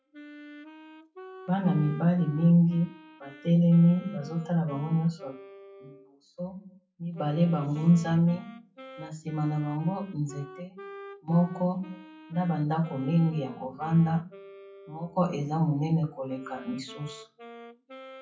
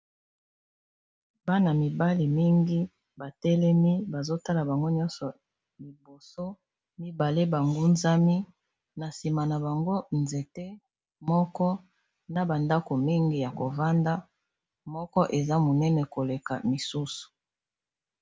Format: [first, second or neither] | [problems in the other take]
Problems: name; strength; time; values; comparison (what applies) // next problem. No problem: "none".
second | noise reduction (classical method WPE with log-MMSE)